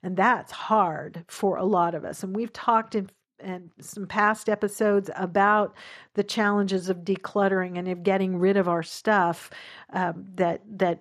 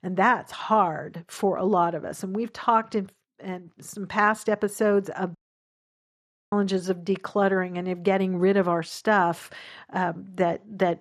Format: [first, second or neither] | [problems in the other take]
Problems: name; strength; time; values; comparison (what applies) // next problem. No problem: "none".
first | audio cutting out; at 5.5 s for 1 s